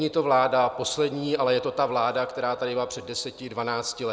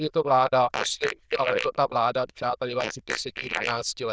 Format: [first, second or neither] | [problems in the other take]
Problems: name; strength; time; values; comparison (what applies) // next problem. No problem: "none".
first | noise reduction (neural diffusion model UNIVERSE++)